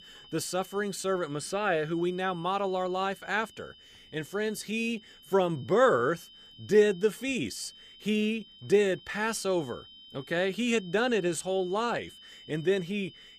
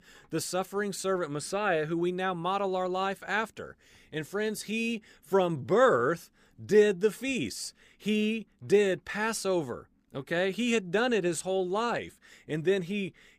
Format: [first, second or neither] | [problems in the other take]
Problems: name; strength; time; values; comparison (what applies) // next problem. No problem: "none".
second | high-pitched whine; faint; throughout; 3 kHz, 20 dB below the speech